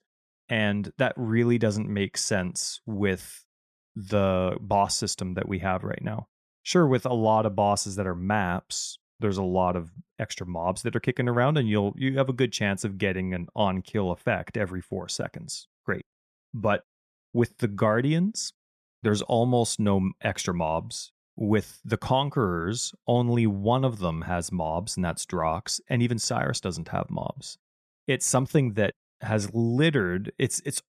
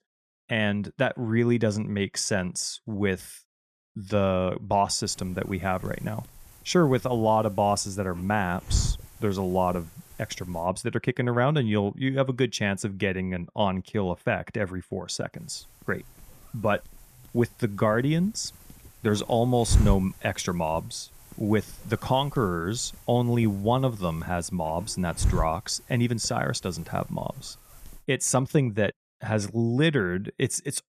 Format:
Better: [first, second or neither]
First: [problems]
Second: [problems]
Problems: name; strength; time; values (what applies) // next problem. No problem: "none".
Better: first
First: none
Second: hiss; loud; from 5 to 11 s and from 15 to 28 s; 6 dB below the speech